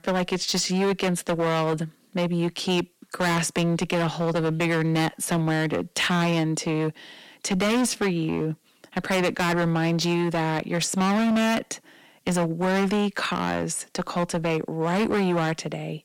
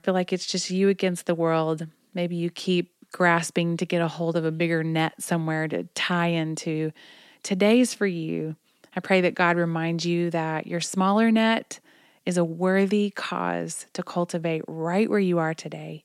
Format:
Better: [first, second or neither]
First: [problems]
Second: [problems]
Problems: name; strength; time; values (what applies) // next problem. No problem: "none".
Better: second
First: distortion; heavy; 20% of the sound clipped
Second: none